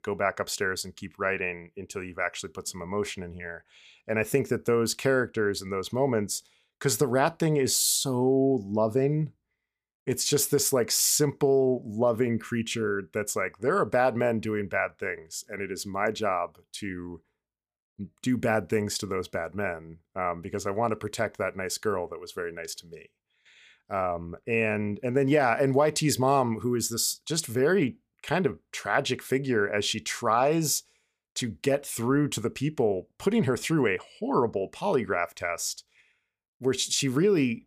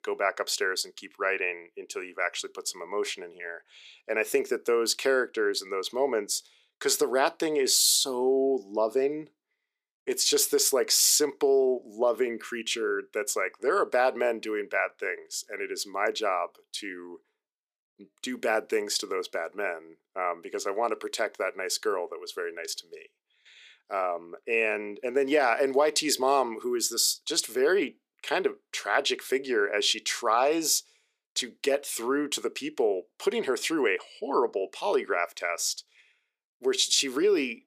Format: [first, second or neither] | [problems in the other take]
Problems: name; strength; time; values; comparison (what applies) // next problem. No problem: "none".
first | thin; somewhat; fading below 350 Hz